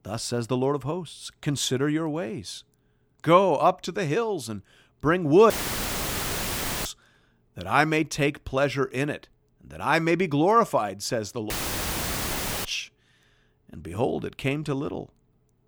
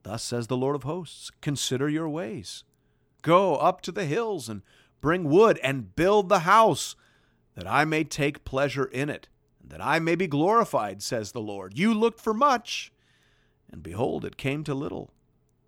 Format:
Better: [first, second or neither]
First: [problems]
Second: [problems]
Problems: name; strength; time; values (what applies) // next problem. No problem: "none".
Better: second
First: audio cutting out; filled with static; at 5.5 s for 1.5 s and at 12 s for 1 s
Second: none